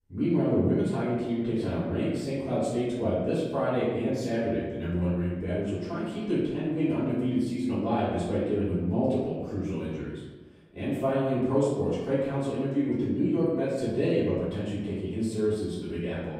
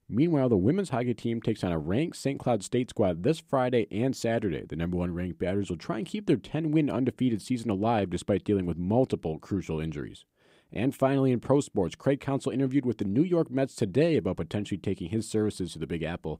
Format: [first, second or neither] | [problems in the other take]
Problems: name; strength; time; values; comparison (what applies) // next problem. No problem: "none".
second | room echo; strong; dies away in 1.1 s // off-mic speech; far